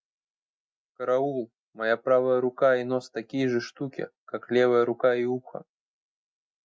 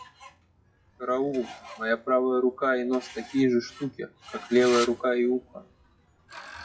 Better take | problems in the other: first | noise reduction (classical method WPE with log-MMSE)

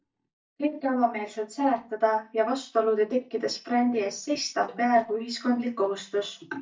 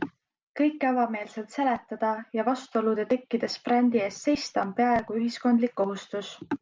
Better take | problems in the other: second | noise reduction (neural mask model DeepFilterNet 3)

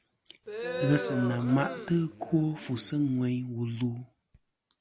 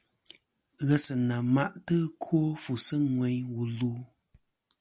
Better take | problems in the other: second | background sound (Crowd); 7 dB below the speech

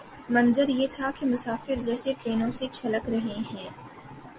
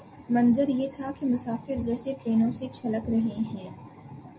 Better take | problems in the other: first | room echo; dies away in 0.4 s

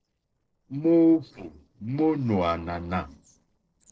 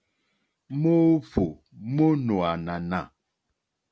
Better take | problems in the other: second | noise reduction (neural separator model SepFormer DNS4)

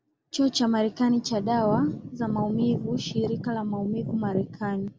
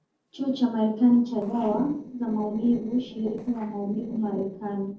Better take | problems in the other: first | noise reduction (neural separator model SepFormer DNS4)

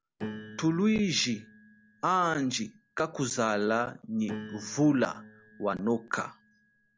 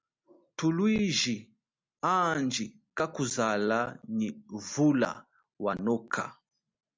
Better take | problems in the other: second | background sound (Piano); 16 dB below the speech

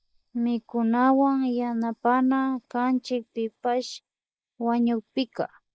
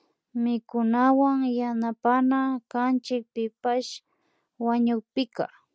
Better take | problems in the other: second | noise reduction (neural mask model Resemble Enhance denoiser)

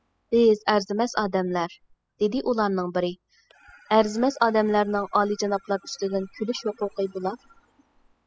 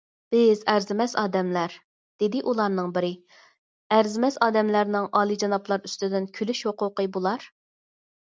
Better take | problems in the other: second | noise reduction (classical method spectral subtraction)

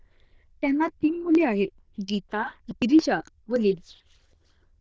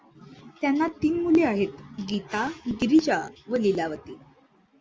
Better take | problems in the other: second | noise reduction (neural diffusion model UNIVERSE++)

